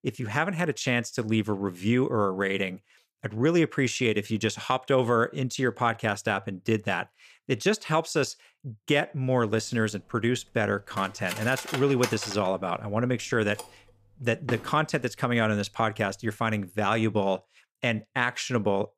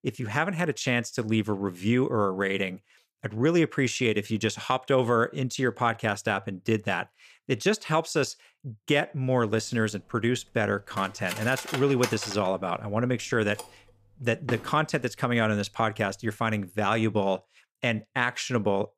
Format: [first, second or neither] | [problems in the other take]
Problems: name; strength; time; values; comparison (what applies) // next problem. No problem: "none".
neither | clattering dishes; noticeable; from 11 to 15 s; peak 5 dB below the speech; the same in both